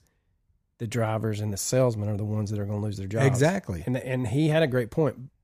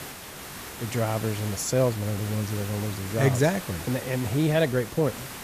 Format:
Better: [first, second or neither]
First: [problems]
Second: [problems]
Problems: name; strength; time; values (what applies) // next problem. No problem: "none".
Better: first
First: none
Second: hiss; noticeable; throughout; 10 dB below the speech